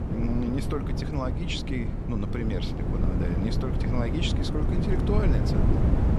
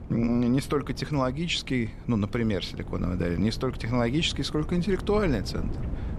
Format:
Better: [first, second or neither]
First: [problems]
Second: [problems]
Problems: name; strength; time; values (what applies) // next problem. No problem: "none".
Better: second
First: wind noise on the microphone; heavy; 1 dB below the speech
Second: wind noise on the microphone; occasional gusts; 15 dB below the speech